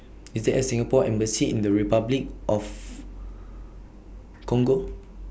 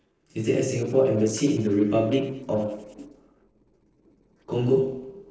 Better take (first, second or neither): first